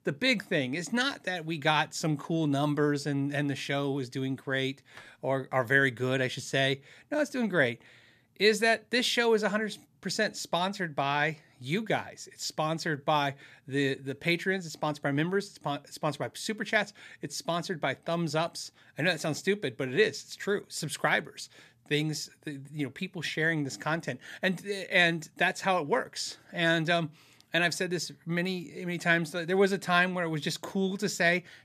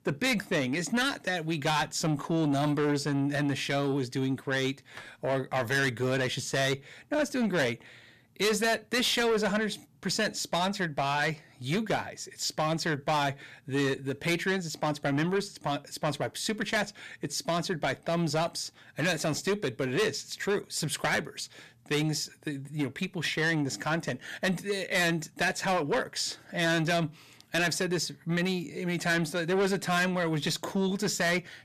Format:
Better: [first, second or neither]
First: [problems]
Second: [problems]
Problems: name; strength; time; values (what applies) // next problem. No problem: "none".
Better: first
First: none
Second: distortion; heavy; 7 dB below the speech